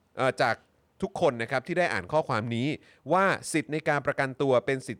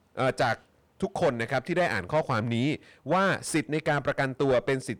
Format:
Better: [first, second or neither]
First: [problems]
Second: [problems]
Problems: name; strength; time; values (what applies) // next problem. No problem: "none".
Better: first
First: none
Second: distortion; slight; 10 dB below the speech